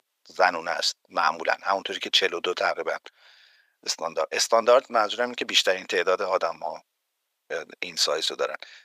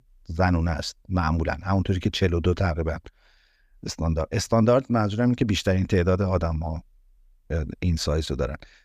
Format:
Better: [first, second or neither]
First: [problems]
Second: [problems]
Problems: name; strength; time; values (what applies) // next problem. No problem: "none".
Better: second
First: thin; very; fading below 550 Hz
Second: none